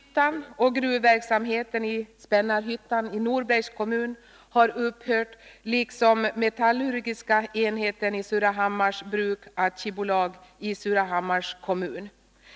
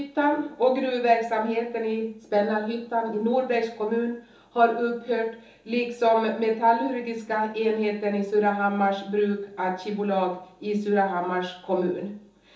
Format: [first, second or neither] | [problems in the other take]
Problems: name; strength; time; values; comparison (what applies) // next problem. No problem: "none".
first | room echo; dies away in 1.2 s